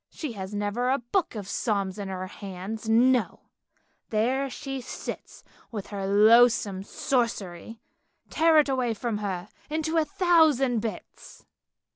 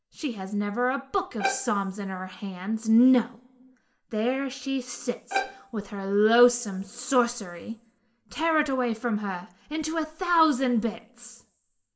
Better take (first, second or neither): first